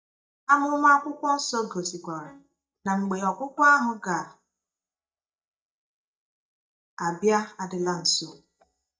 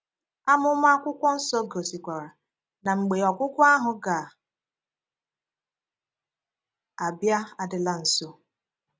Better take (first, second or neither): second